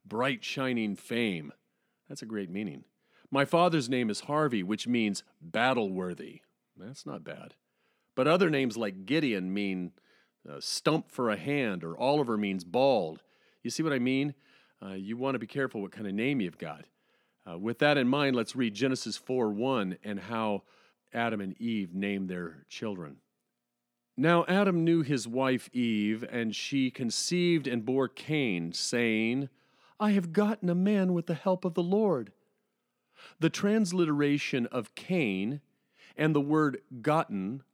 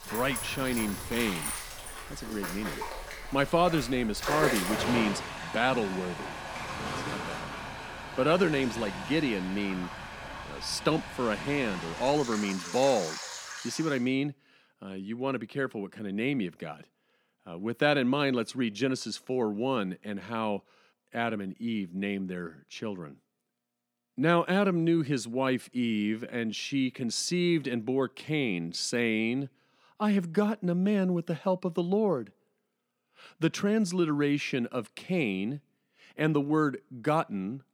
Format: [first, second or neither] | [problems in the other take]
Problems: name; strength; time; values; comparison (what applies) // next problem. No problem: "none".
first | rain or running water; loud; until 14 s; 7 dB below the speech